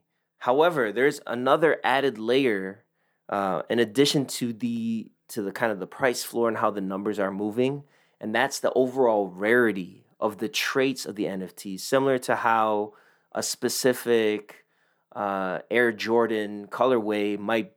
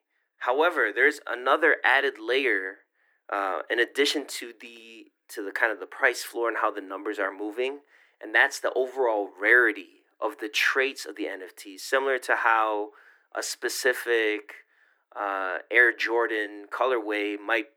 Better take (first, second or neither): first